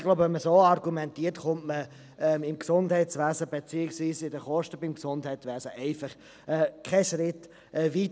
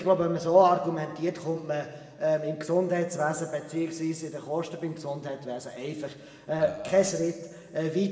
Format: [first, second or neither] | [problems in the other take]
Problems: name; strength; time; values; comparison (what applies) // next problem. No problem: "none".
first | background sound (Burping, eructation); 14 dB below the speech // room echo; dies away in 1.3 s